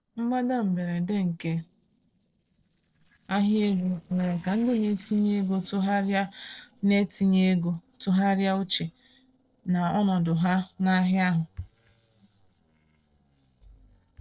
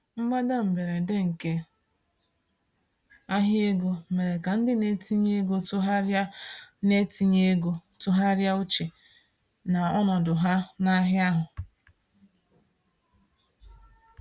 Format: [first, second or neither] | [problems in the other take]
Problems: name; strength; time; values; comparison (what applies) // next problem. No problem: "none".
second | noise reduction (neural separator model SepFormer DNS4)